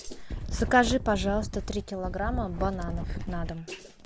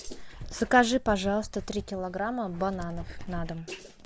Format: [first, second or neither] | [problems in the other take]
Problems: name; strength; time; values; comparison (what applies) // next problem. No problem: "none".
second | background sound (Wind); 4 dB below the speech